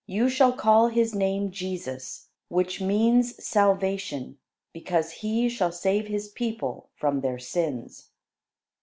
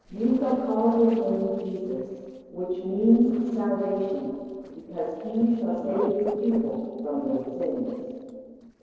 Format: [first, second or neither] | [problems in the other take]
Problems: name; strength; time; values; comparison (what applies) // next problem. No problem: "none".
first | noise reduction (neural separator model SepFormer DNS4)